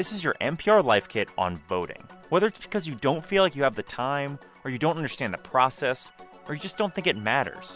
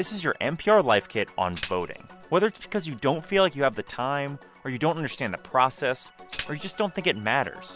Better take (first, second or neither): first